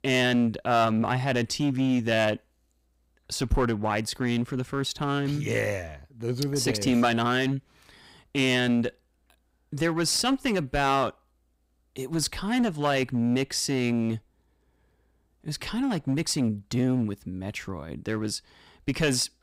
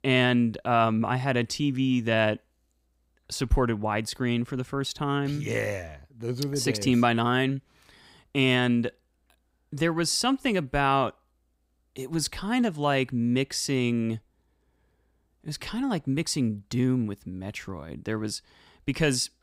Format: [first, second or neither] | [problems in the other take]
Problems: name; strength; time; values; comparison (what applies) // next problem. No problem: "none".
second | distortion; slight; 6% of the sound clipped